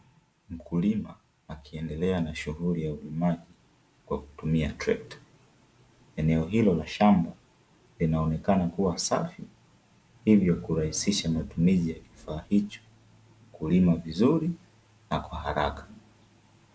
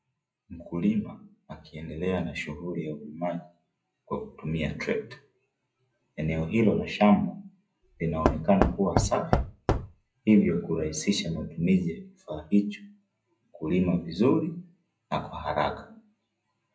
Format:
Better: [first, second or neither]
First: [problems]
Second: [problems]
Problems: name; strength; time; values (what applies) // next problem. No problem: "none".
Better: first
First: none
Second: noise reduction (classical method WPE with log-MMSE)